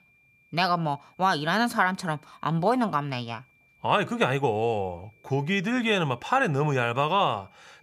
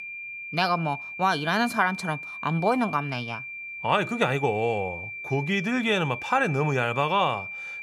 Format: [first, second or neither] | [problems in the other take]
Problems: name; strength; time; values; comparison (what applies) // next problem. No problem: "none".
first | high-pitched whine; loud; throughout; 2.5 kHz, 9 dB below the speech; faint in the first